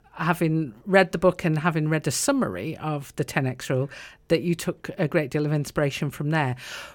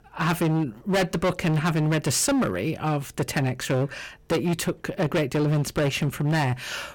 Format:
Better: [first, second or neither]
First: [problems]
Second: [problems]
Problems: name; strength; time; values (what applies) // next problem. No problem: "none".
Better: first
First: none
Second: distortion; heavy; 17% of the sound clipped